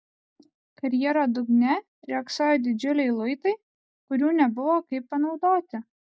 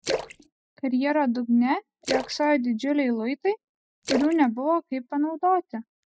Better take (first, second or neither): first